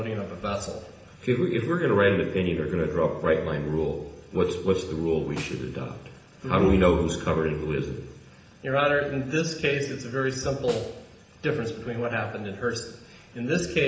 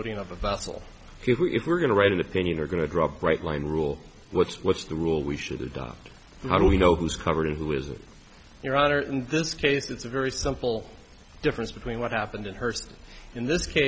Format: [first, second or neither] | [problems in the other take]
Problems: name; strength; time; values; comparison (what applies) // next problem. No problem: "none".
second | background sound (Snare drum); 19 dB below the speech // room echo; dies away in 0.8 s